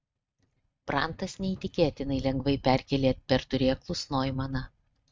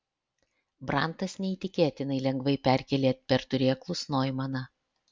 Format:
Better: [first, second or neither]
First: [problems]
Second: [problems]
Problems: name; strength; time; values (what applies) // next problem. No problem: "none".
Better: second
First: noise reduction (neural mask model RNNoise)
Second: none